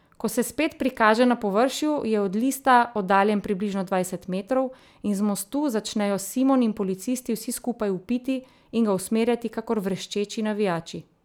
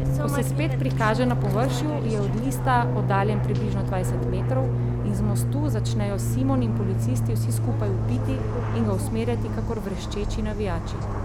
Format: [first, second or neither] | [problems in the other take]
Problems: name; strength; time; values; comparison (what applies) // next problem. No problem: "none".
first | background sound (Fixed-wing aircraft, airplane); 4 dB above the speech